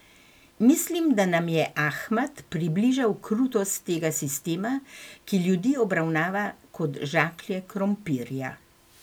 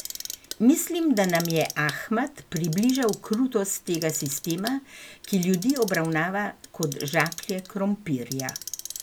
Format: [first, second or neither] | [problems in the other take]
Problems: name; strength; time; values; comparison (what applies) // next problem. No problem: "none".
first | background sound (Clock); 13 dB below the speech